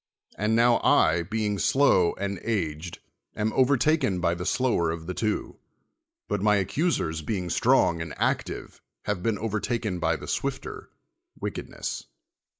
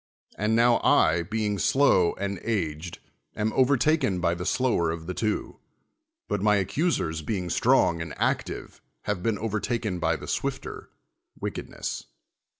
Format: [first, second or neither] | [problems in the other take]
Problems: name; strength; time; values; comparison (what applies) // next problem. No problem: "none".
second | noise reduction (neural mask model Resemble Enhance denoiser)